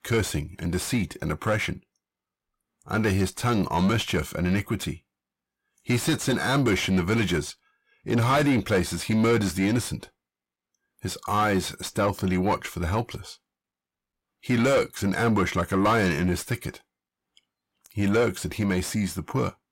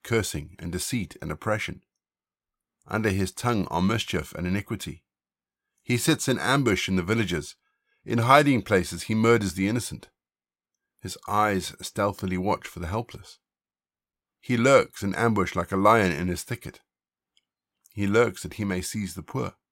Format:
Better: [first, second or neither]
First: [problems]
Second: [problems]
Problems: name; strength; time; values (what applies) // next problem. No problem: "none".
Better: second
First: distortion; heavy; 7 dB below the speech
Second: none